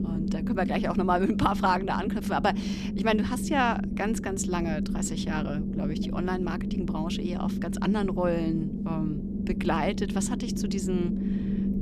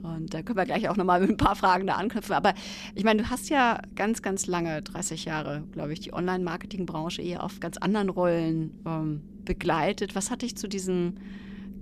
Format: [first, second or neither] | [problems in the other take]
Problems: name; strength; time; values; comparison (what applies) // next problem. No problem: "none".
second | low rumble; loud; throughout; 8 dB below the speech; faint in the second